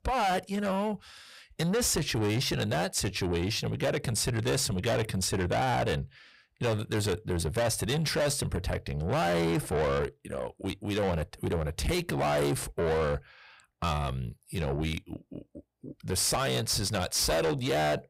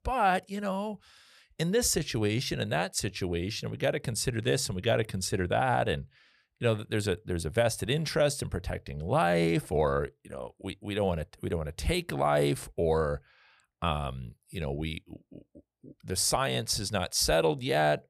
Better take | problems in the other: second | distortion; heavy; 7 dB below the speech

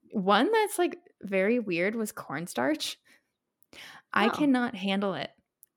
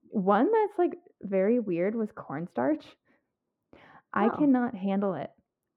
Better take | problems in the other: first | muffled; very; fading above 3 kHz

